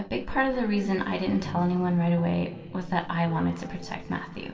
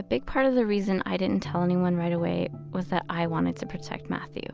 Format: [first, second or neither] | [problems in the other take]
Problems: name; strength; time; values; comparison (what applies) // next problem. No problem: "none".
second | room echo; dies away in 2.5 s